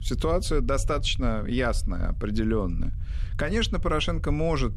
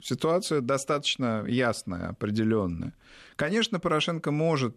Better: second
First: low rumble; faint; throughout; 25 dB below the speech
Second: none

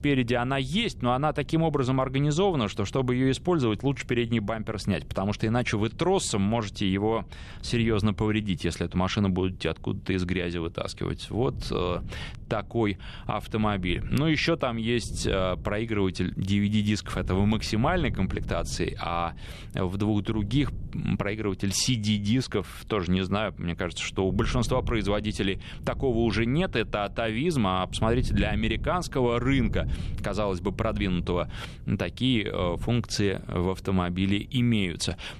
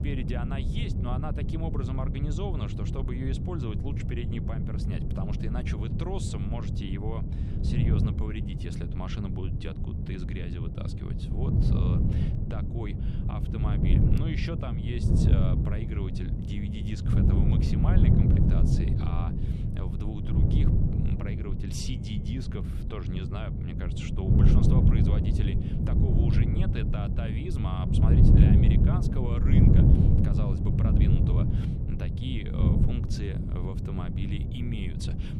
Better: first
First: wind noise on the microphone; occasional gusts; 25 dB below the speech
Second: wind noise on the microphone; heavy; 3 dB above the speech

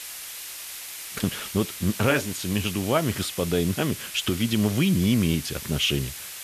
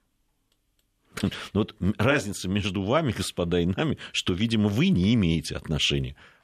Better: second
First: hiss; loud; throughout; 9 dB below the speech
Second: none

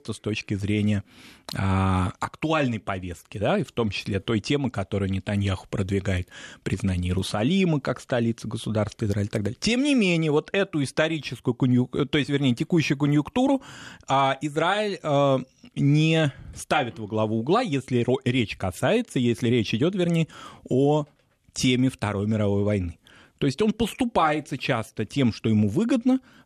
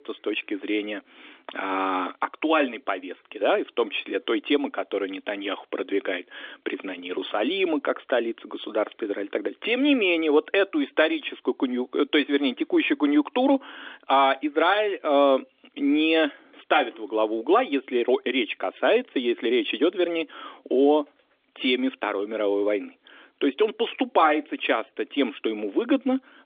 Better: first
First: none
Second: phone-call audio

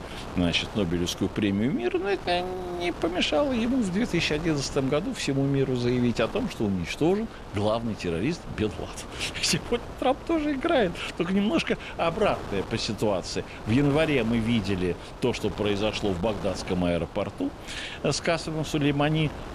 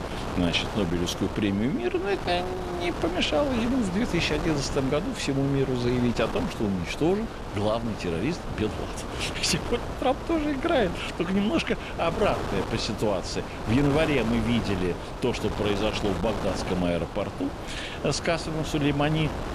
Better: first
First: wind noise on the microphone; occasional gusts; 10 dB below the speech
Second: wind noise on the microphone; heavy; 6 dB below the speech

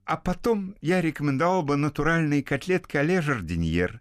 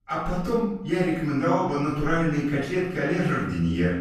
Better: first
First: none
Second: room echo; strong; dies away in 0.7 s // off-mic speech; far

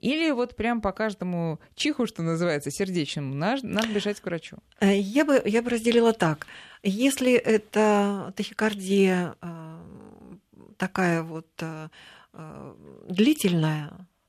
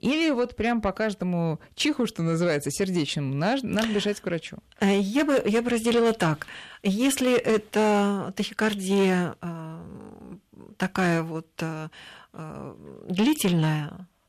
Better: first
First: none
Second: distortion; slight; 10 dB below the speech

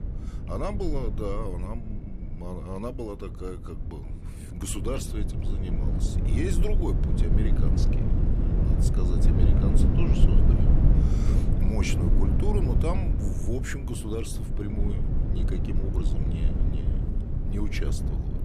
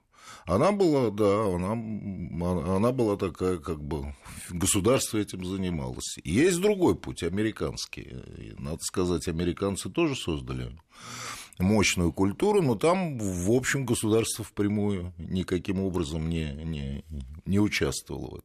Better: second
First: low rumble; loud; throughout; 1 dB below the speech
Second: none

